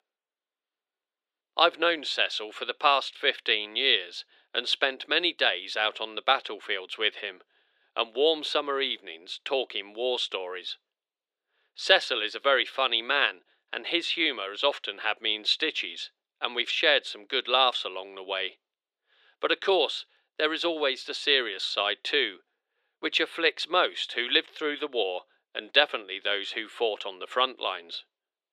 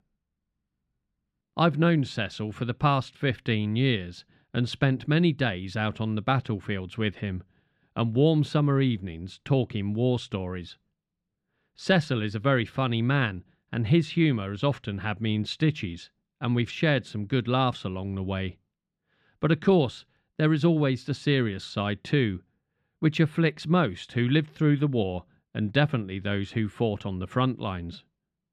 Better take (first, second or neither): second